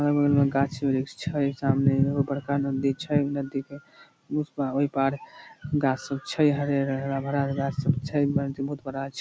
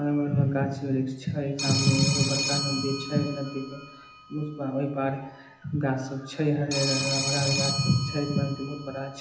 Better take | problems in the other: first | background sound (Telephone); 6 dB below the speech // room echo; dies away in 0.8 s

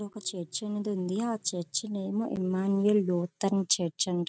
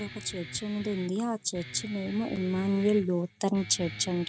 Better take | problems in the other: first | background sound (Guitar); 14 dB below the speech

